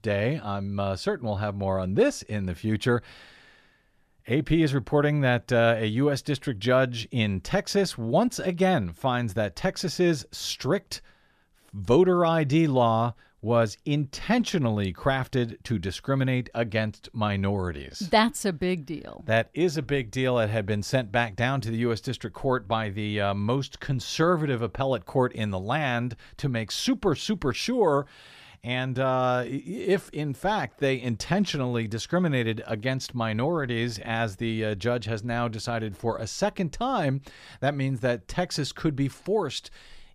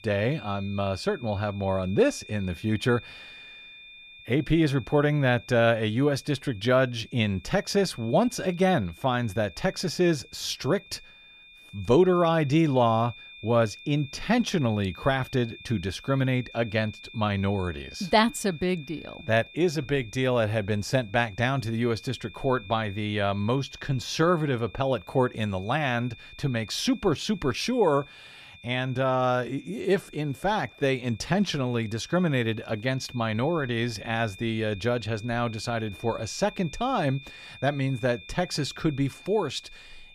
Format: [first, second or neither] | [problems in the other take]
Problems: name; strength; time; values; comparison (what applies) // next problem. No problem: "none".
first | high-pitched whine; noticeable; throughout; 2.5 kHz, 20 dB below the speech